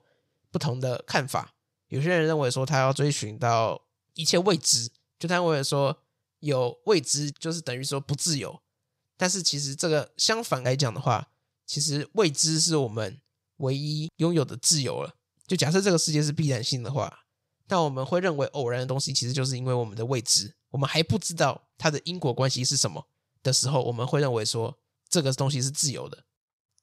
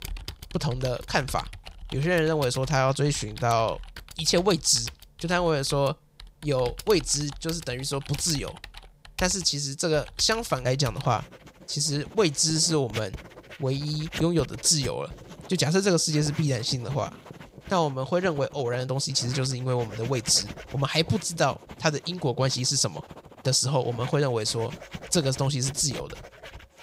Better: first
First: none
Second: household noises; noticeable; throughout; 15 dB below the speech

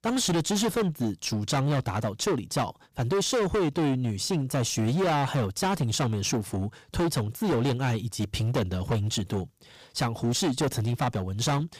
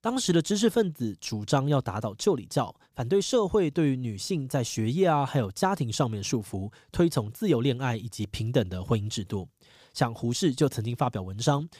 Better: second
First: distortion; heavy; 20% of the sound clipped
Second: none

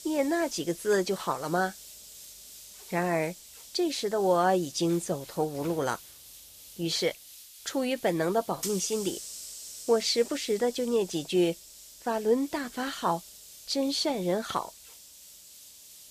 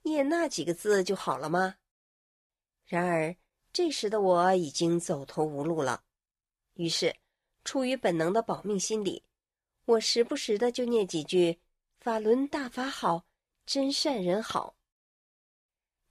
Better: second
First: hiss; noticeable; throughout; 15 dB below the speech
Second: none

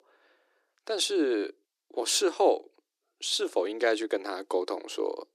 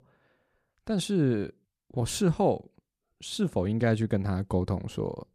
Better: second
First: thin; very; fading below 300 Hz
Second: none

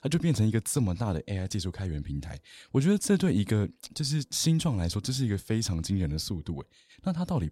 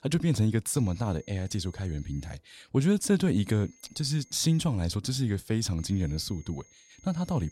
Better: first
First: none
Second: high-pitched whine; faint; from 0.5 to 2.5 s, from 3.5 to 4.5 s and from 6 s on; 6.5 kHz, 30 dB below the speech

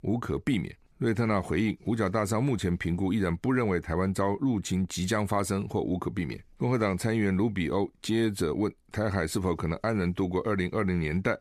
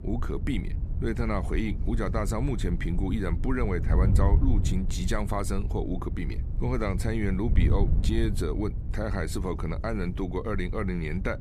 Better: first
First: none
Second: wind noise on the microphone; occasional gusts; 10 dB below the speech

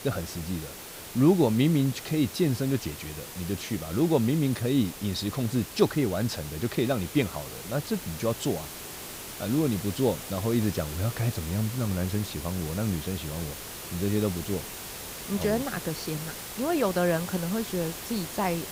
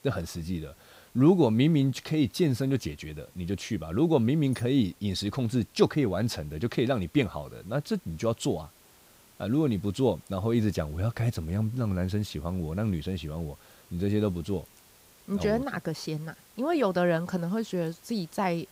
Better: second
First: hiss; loud; throughout; 10 dB below the speech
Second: hiss; faint; throughout; 30 dB below the speech

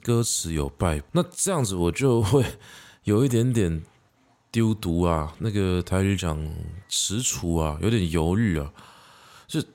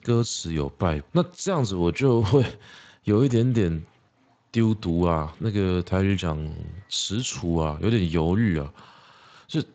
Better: first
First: none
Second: garbled, watery; slightly; nothing above 7.5 kHz

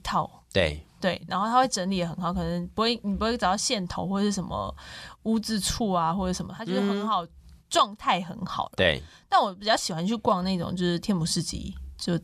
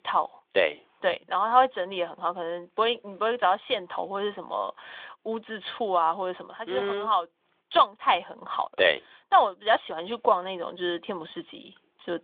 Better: first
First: none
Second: phone-call audio; nothing above 3.5 kHz

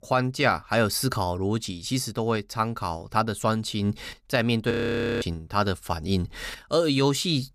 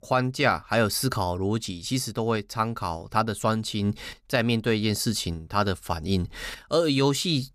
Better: second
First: audio freezing; at 4.5 s for 0.5 s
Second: none

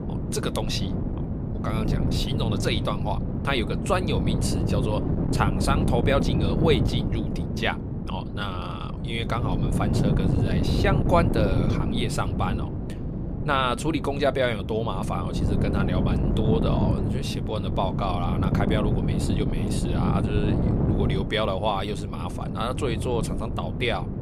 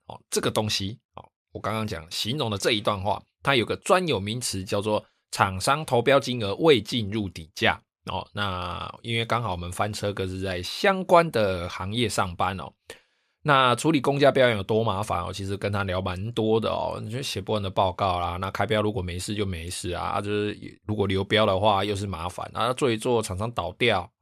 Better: second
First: wind noise on the microphone; heavy; 5 dB below the speech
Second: none

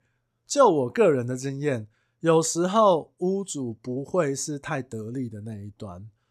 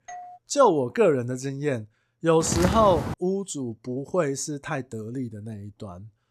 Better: first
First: none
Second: doorbell; faint; at the start; peak 15 dB below the speech // footsteps; noticeable; at 2.5 s; peak 2 dB below the speech

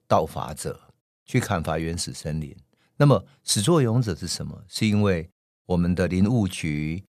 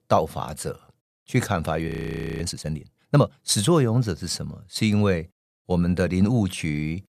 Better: first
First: none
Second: audio freezing; at 2 s for 0.5 s

